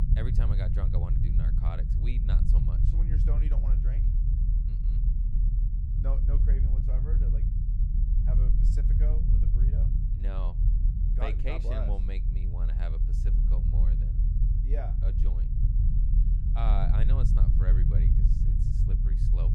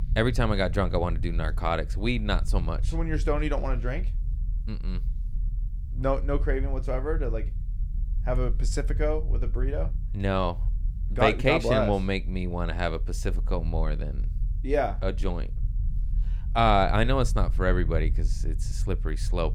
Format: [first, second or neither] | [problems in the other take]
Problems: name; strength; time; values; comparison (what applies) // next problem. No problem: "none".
second | low rumble; loud; throughout; 1 dB below the speech; faint in the second